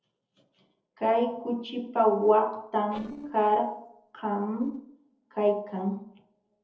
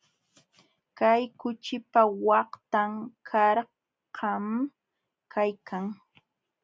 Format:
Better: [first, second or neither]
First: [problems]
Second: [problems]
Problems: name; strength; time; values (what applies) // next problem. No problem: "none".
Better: second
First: noise reduction (neural separator model SepFormer DNS4)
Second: none